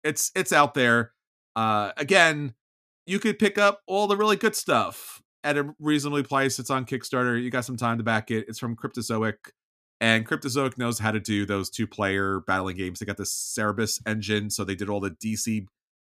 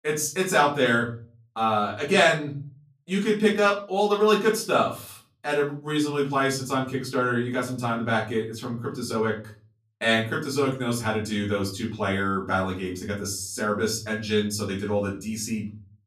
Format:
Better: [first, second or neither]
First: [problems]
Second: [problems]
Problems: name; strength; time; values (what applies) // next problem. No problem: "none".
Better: first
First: none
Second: room echo; slight; dies away in 0.4 s // off-mic speech; far